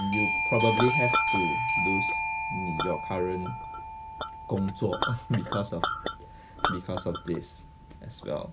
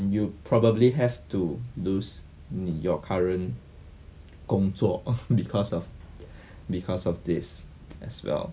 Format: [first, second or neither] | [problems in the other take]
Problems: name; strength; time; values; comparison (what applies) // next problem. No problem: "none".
second | background sound (Chink, clink + Doorbell); 1 dB above the speech